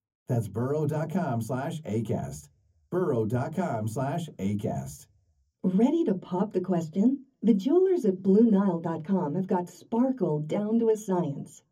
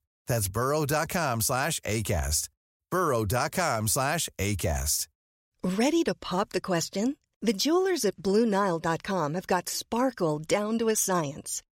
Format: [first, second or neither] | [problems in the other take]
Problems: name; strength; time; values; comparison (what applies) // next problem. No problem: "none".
second | room echo; very slight; dies away in 0.3 s // off-mic speech; far